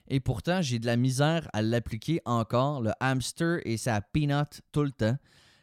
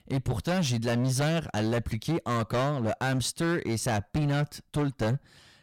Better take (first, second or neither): first